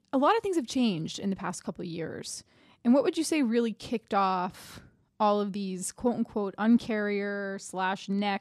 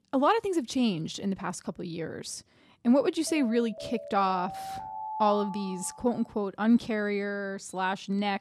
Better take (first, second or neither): first